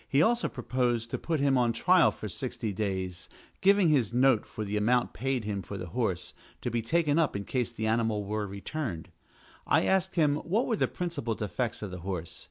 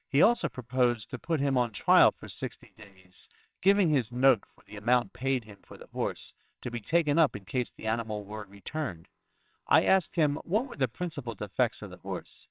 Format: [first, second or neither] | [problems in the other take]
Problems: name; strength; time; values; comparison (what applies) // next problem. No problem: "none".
first | noise reduction (neural separator model SepFormer WHAMR!)